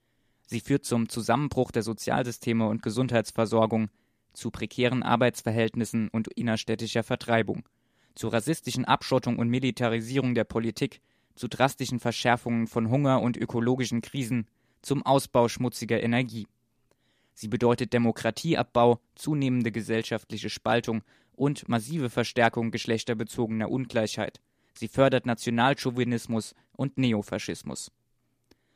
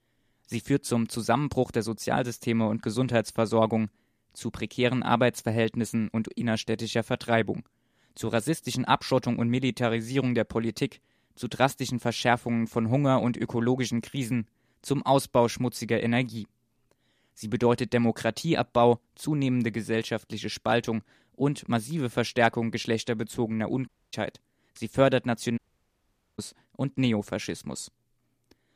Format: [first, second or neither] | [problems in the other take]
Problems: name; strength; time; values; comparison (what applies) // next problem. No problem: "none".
first | audio cutting out; at 24 s and at 26 s for 1 s